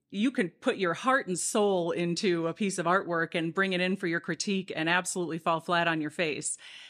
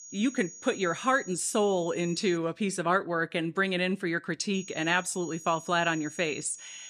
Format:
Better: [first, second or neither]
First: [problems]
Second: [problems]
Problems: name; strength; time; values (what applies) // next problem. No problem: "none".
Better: first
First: none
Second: high-pitched whine; noticeable; until 2.5 s and from 4.5 s on; 6.5 kHz, 15 dB below the speech